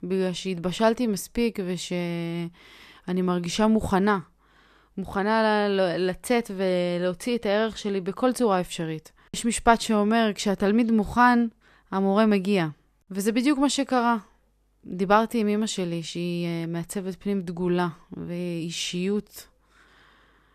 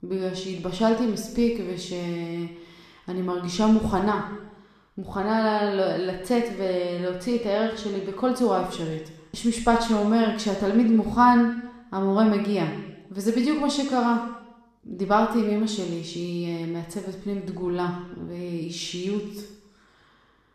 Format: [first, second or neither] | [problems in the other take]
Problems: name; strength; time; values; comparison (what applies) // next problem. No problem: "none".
first | room echo; noticeable; dies away in 0.9 s // off-mic speech; somewhat distant